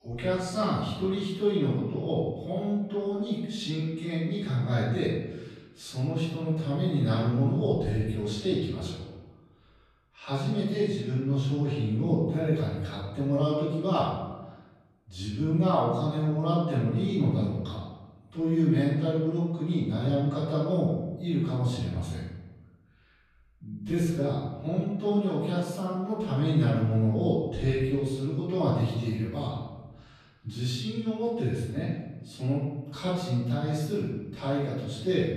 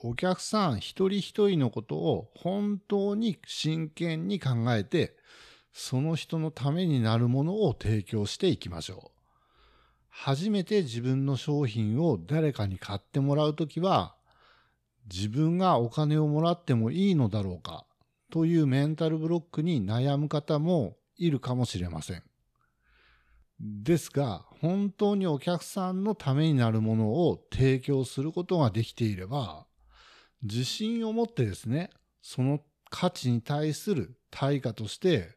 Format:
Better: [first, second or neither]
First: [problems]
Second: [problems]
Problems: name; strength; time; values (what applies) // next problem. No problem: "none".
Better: second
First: room echo; noticeable; dies away in 1 s // off-mic speech; far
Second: none